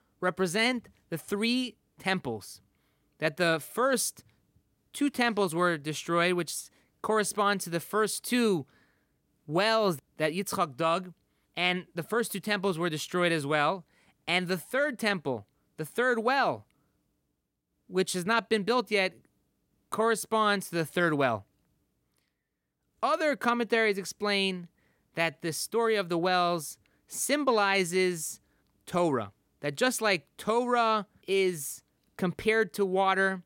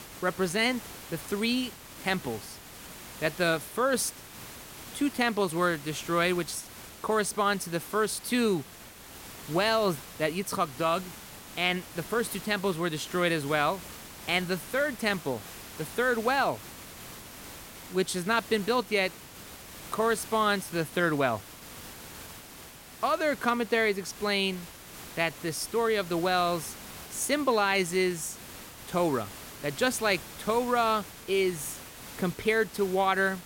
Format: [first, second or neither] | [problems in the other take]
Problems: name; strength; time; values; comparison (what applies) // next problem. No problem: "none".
first | hiss; noticeable; throughout; 15 dB below the speech